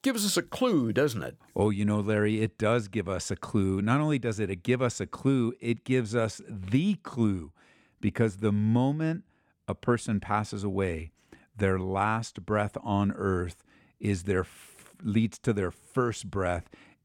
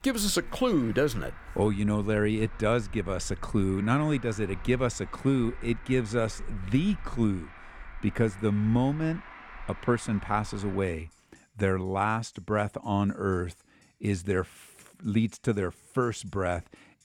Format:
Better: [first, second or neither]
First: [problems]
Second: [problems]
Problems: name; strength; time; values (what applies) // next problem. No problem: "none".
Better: first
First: none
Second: traffic noise; noticeable; throughout; 15 dB below the speech